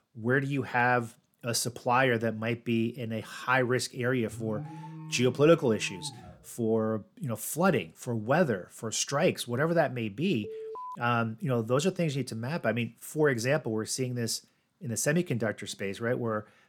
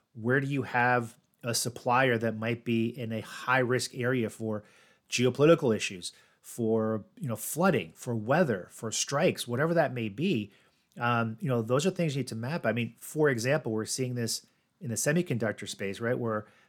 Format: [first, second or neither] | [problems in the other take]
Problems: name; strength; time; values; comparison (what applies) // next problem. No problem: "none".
second | alarm; faint; from 4.5 to 6.5 s and at 10 s; peak 10 dB below the speech